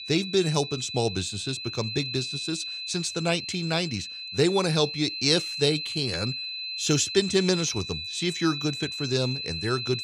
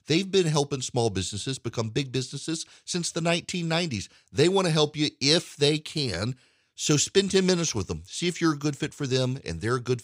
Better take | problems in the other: second | high-pitched whine; loud; throughout; 4 kHz, 5 dB below the speech

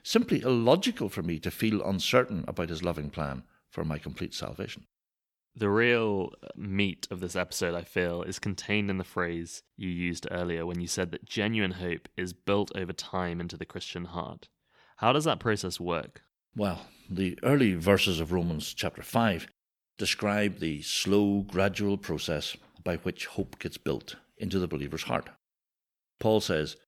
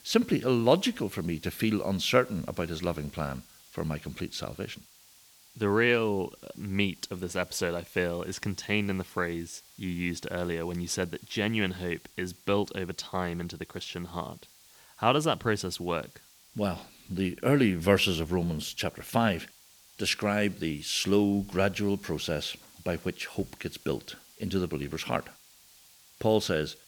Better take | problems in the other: first | hiss; faint; throughout; 25 dB below the speech

